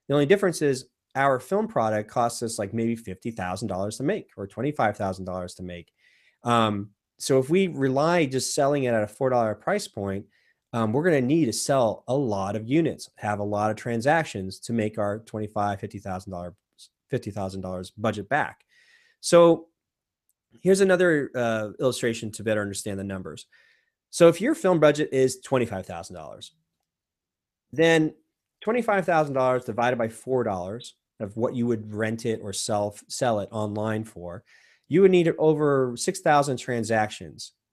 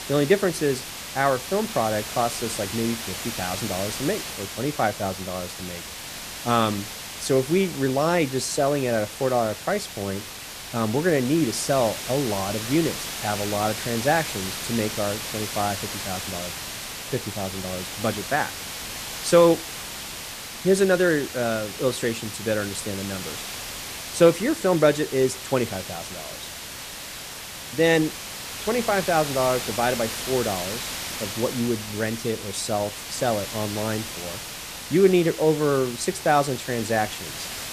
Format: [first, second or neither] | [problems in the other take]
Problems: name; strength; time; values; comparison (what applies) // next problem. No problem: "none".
first | hiss; loud; throughout; 7 dB below the speech